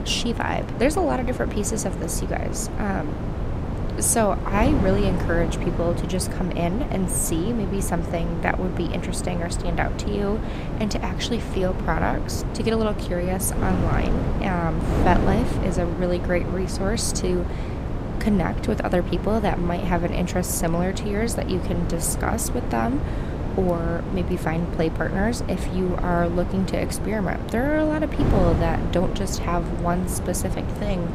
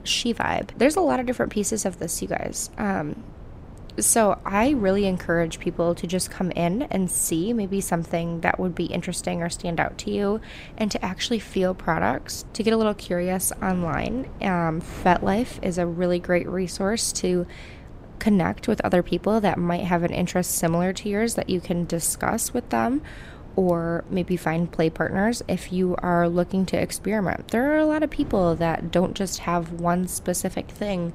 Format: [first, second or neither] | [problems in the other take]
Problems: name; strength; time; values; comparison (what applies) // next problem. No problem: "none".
second | wind noise on the microphone; heavy; 7 dB below the speech; occasional gusts in the second